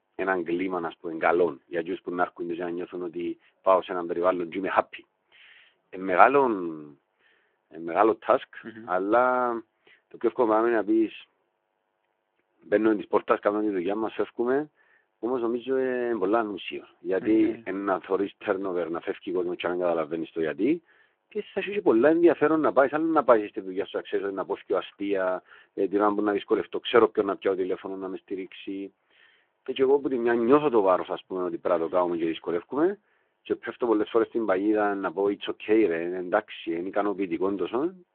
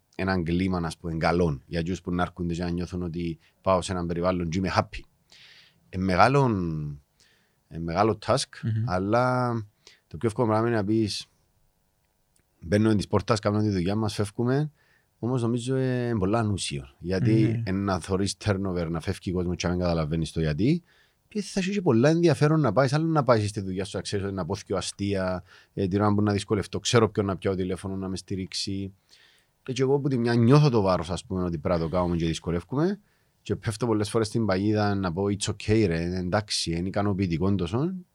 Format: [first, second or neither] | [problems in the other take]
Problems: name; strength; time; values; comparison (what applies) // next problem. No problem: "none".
second | phone-call audio